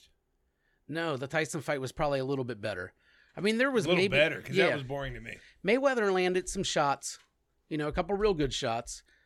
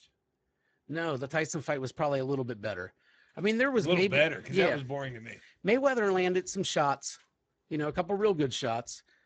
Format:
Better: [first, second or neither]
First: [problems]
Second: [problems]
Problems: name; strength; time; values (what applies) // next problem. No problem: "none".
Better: first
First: none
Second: garbled, watery; badly; nothing above 7.5 kHz